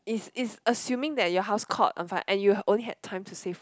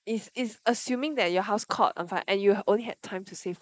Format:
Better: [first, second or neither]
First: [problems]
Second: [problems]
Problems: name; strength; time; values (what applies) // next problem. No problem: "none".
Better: first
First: none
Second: noise reduction (neural mask model Resemble Enhance denoiser)